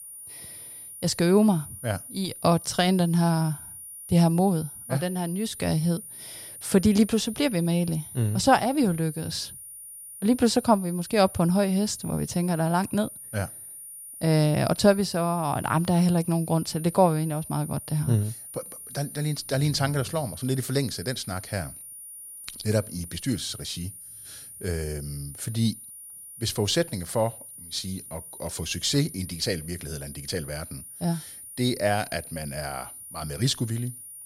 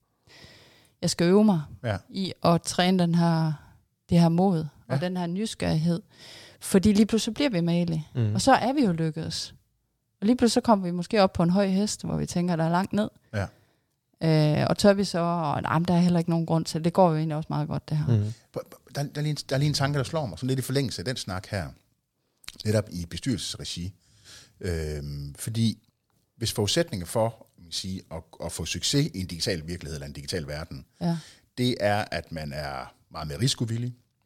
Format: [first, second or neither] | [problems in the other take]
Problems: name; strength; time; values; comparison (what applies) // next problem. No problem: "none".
second | high-pitched whine; noticeable; throughout; 9.5 kHz, 15 dB below the speech